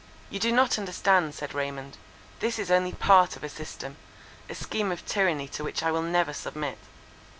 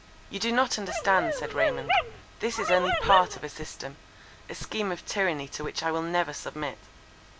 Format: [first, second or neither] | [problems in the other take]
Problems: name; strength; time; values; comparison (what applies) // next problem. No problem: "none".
first | background sound (Dog); as loud as the speech